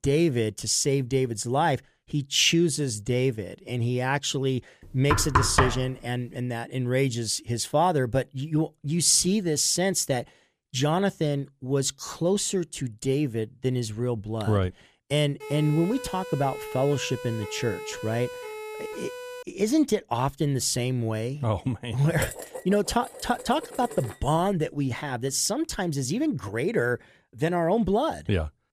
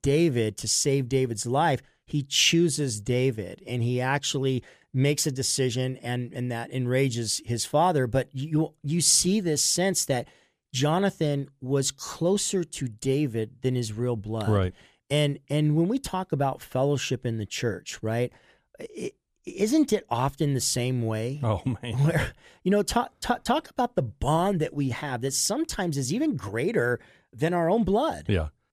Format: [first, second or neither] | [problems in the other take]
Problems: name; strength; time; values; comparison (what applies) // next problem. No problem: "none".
second | door banging; loud; at 5 s; peak 3 dB above the speech // siren; faint; from 15 to 19 s; peak 10 dB below the speech // clattering dishes; noticeable; from 22 to 24 s; peak 8 dB below the speech